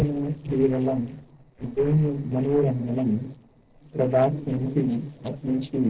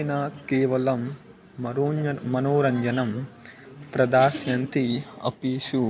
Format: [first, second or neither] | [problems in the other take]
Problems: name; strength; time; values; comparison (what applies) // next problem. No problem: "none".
second | noise reduction (neural separator model SepFormer DNS4)